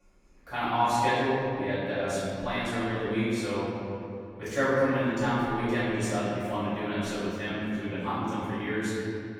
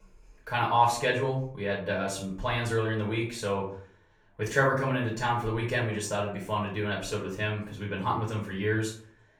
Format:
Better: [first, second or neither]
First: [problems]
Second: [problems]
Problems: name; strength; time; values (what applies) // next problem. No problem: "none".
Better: second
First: room echo; strong; dies away in 2.5 s // off-mic speech; far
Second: room echo; slight; dies away in 0.5 s // off-mic speech; far